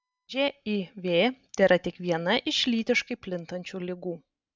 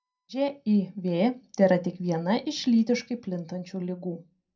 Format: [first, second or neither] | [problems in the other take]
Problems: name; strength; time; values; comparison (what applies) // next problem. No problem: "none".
first | room echo; dies away in 0.2 s